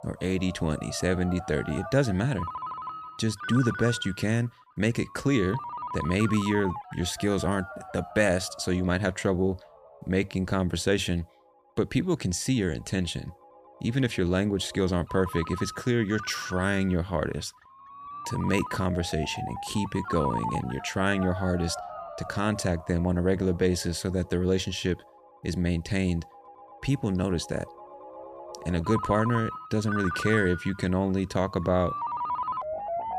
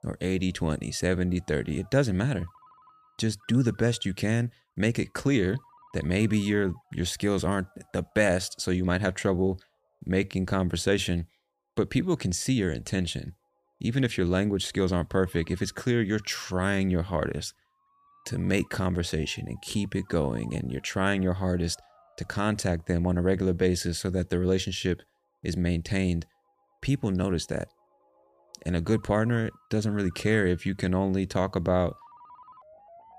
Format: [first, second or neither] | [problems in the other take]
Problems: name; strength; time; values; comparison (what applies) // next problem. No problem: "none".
second | alarms or sirens; loud; throughout; 9 dB below the speech; faint in the second